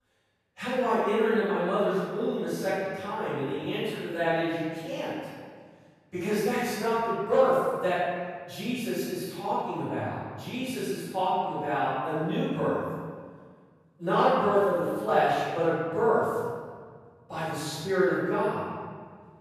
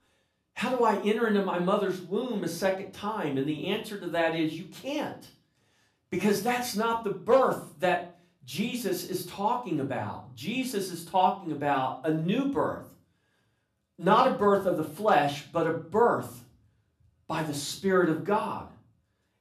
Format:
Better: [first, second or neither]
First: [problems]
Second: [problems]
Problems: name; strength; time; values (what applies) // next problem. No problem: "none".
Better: second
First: room echo; strong; dies away in 1.7 s // off-mic speech; far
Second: room echo; slight; dies away in 0.4 s // off-mic speech; far